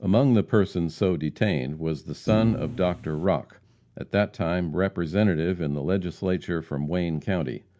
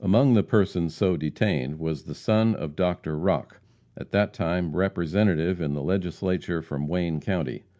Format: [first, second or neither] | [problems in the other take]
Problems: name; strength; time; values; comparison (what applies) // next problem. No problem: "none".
second | background sound (Thump, thud); 7 dB below the speech